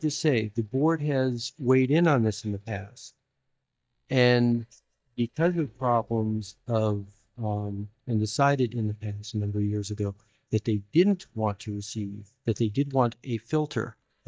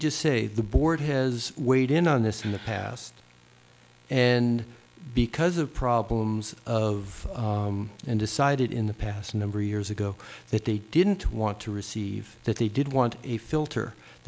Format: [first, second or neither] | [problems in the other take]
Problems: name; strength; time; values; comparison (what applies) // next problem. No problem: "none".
second | noise reduction (neural mask model DeepFilterNet 3)